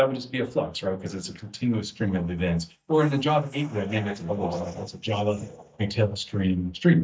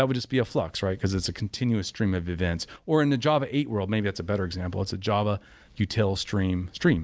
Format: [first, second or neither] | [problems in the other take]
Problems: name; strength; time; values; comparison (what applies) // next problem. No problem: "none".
second | noise reduction (neural mask model DeepFilterNet 3)